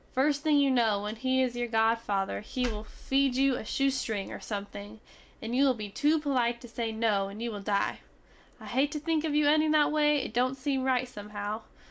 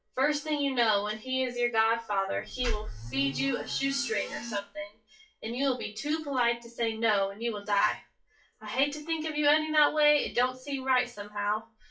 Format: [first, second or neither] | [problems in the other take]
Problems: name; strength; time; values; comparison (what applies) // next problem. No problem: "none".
first | noise reduction (classical method WPE with log-MMSE)